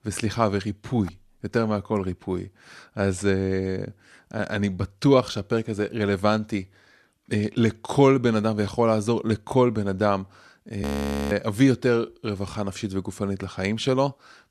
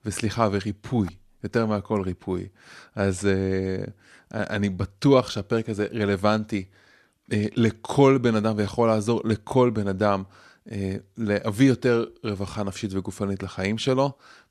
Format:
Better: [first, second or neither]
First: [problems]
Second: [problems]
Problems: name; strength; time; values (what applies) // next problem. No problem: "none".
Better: second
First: audio freezing; at 11 s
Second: none